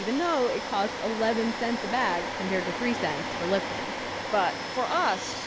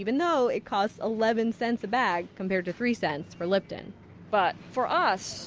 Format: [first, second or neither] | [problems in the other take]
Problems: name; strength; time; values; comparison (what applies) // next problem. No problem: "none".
second | background sound (Domestic sounds, home sounds); 4 dB below the speech